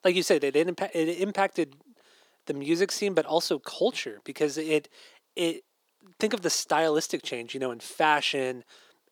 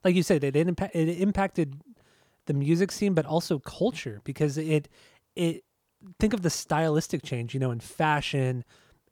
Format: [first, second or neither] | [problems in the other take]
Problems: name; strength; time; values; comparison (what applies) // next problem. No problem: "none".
second | thin; somewhat; fading below 300 Hz